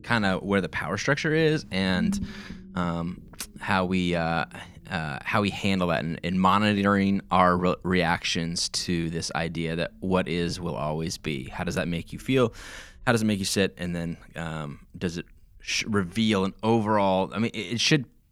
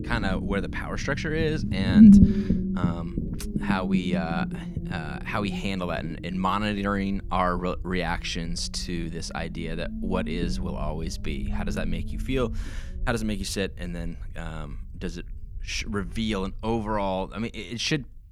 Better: first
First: low rumble; faint; throughout; 20 dB below the speech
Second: low rumble; loud; throughout; 1 dB below the speech

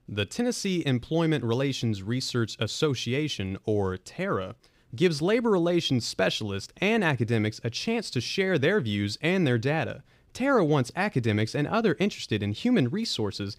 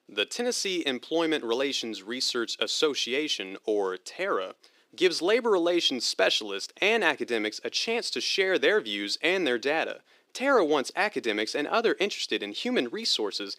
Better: first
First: none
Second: thin; somewhat; fading below 300 Hz

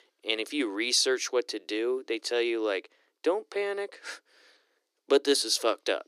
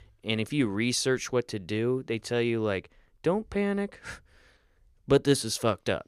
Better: second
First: thin; somewhat; fading below 300 Hz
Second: none

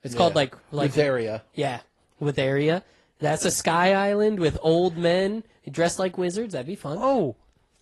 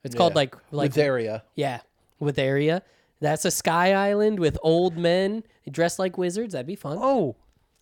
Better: second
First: garbled, watery; slightly; nothing above 11.5 kHz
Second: none

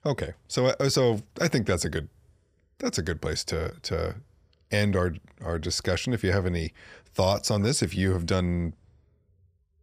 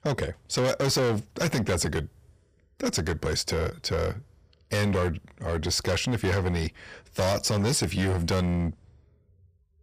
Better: first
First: none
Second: distortion; heavy; 14% of the sound clipped

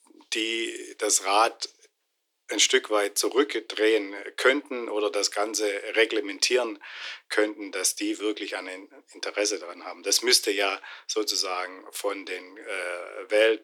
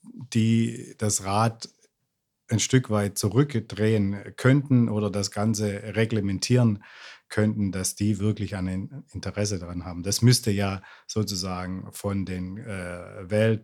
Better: second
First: thin; very; fading below 300 Hz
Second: none

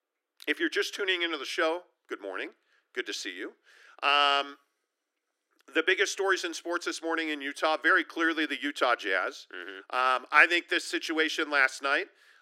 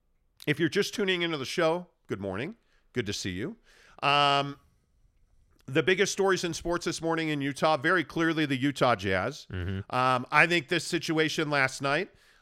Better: second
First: thin; somewhat; fading below 300 Hz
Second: none

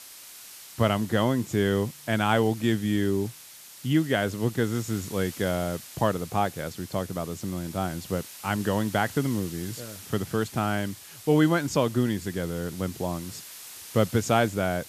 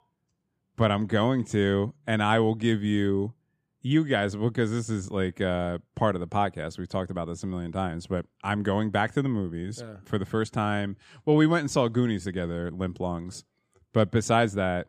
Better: second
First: hiss; noticeable; throughout; 15 dB below the speech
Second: none

